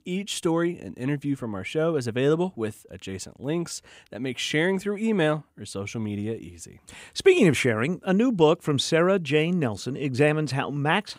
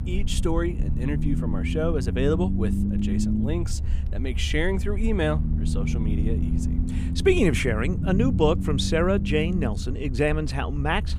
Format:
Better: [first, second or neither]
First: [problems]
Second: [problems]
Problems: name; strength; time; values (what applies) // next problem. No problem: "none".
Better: first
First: none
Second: low rumble; loud; throughout; 10 dB below the speech